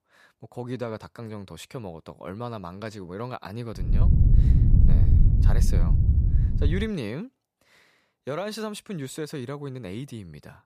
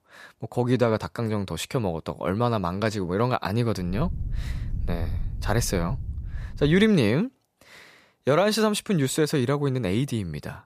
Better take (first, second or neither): second